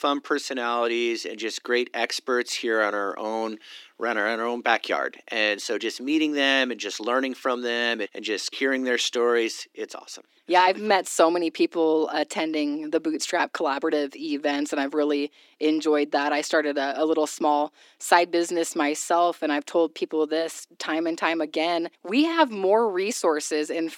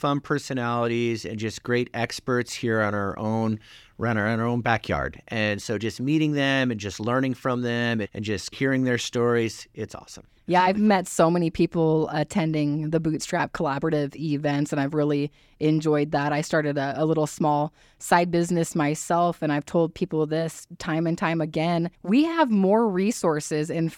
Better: second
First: thin; somewhat; fading below 300 Hz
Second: none

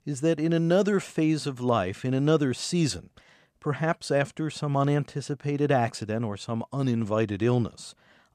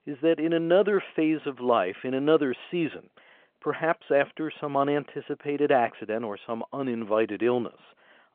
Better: first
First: none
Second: phone-call audio

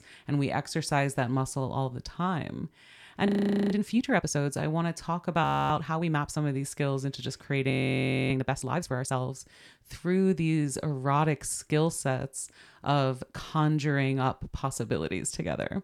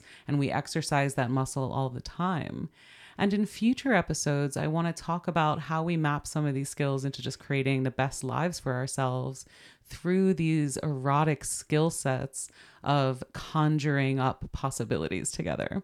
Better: second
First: audio freezing; at 3.5 s, at 5.5 s and at 7.5 s for 0.5 s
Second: none

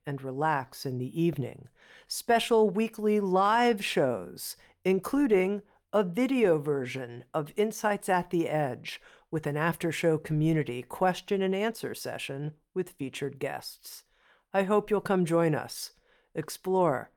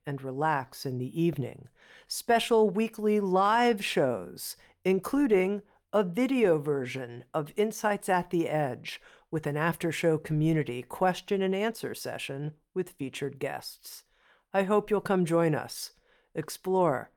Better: neither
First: none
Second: none

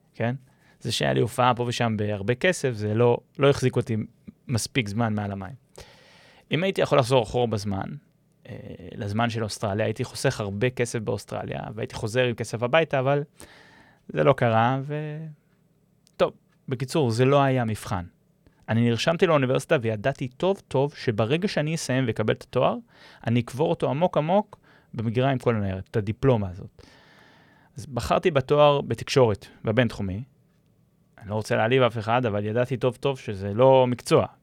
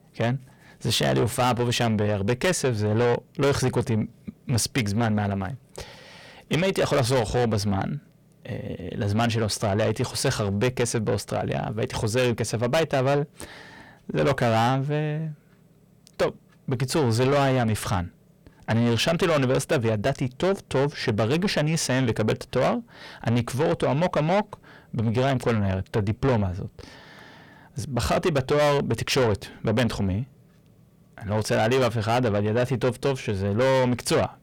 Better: first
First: none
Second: distortion; heavy; 6 dB below the speech

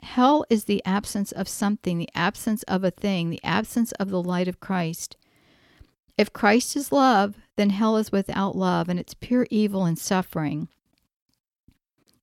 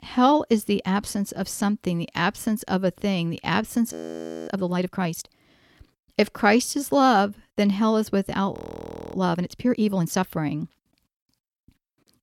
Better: first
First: none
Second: audio freezing; at 4 s for 0.5 s and at 8.5 s for 0.5 s

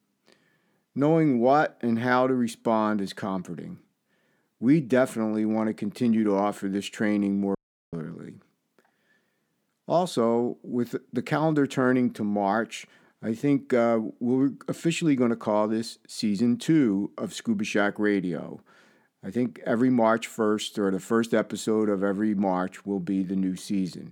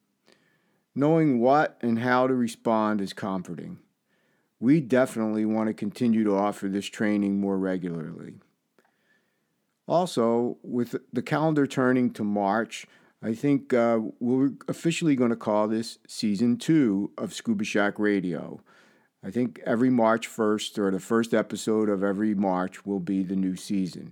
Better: second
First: audio cutting out; at 7.5 s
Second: none

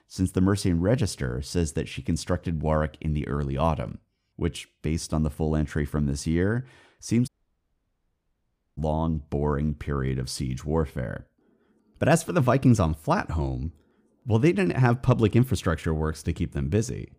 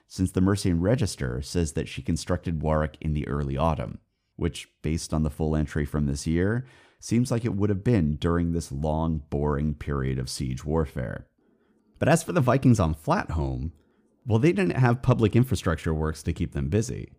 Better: second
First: audio cutting out; at 7.5 s for 1.5 s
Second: none

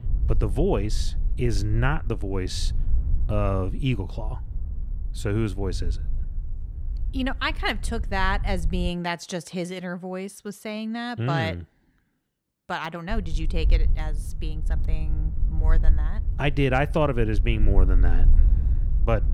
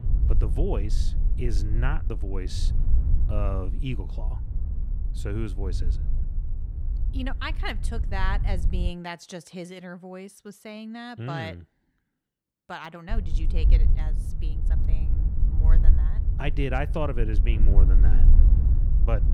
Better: first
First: wind noise on the microphone; occasional gusts; until 9 s and from 13 s on; 20 dB below the speech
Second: wind noise on the microphone; heavy; until 9 s and from 13 s on; 10 dB below the speech

